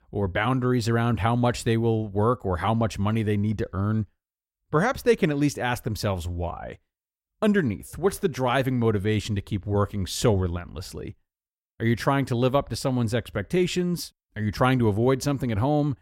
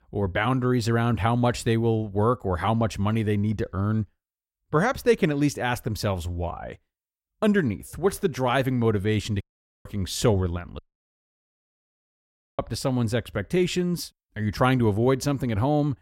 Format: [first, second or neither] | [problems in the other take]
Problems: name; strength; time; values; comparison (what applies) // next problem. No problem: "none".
first | audio cutting out; at 9.5 s and at 11 s for 2 s